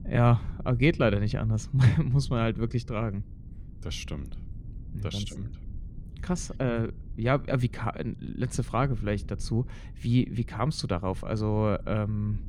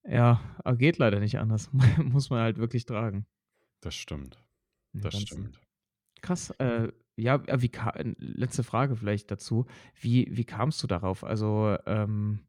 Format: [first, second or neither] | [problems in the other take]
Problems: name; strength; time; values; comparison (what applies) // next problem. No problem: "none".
second | low rumble; faint; throughout; 25 dB below the speech